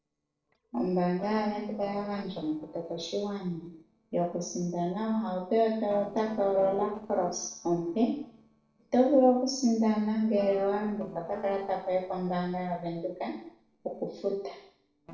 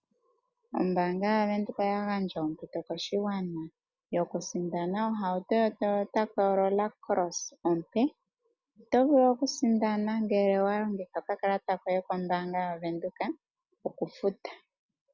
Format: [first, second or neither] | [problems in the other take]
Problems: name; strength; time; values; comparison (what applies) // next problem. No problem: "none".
second | noise reduction (neural separator model SepFormer DNS4)